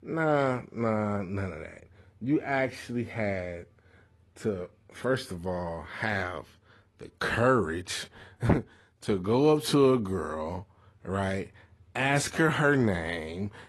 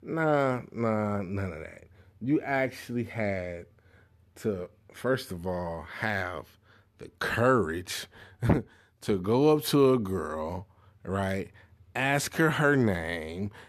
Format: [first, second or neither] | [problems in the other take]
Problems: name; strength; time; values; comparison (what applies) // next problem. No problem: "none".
second | garbled, watery; slightly; nothing above 11.5 kHz